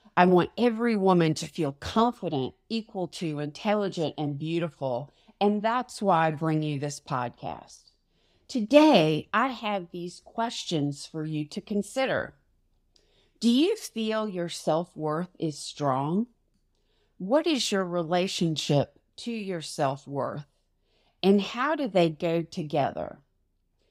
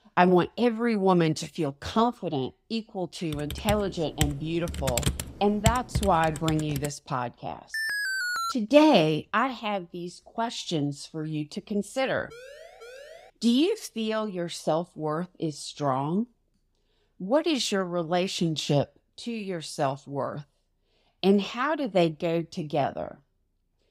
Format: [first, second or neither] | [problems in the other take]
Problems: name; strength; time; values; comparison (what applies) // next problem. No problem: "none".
first | keyboard typing; noticeable; from 3.5 to 7 s; peak 1 dB below the speech // alarm; noticeable; at 7.5 s; peak level with the speech // siren; faint; from 12 to 13 s; peak 20 dB below the speech